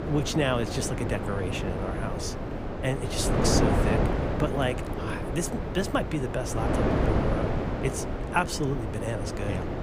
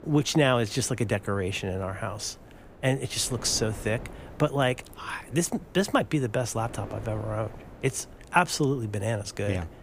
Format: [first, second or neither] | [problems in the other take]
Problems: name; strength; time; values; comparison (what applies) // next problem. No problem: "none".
second | wind noise on the microphone; heavy; as loud as the speech; occasional gusts in the second